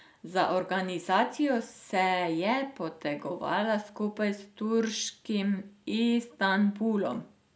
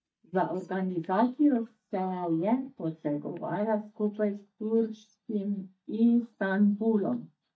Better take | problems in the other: first | noise reduction (neural mask model DeepFilterNet 3)

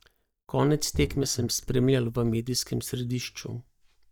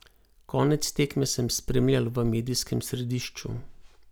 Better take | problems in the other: second | noise reduction (neural mask model DeepFilterNet 3)

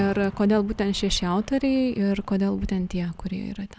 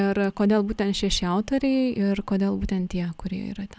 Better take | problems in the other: second | background sound (Fireworks); 20 dB below the speech

